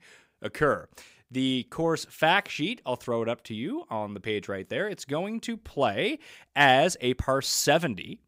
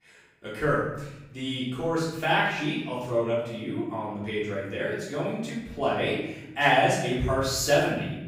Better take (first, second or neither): first